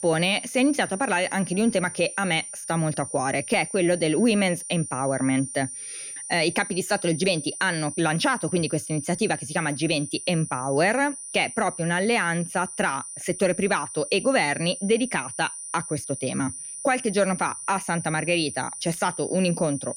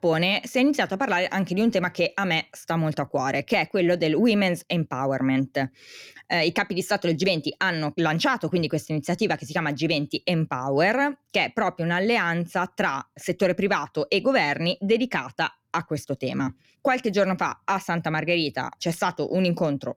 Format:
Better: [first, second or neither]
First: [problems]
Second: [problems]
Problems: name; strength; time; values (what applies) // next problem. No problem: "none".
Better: second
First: high-pitched whine; loud; throughout; 9.5 kHz, 9 dB below the speech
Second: none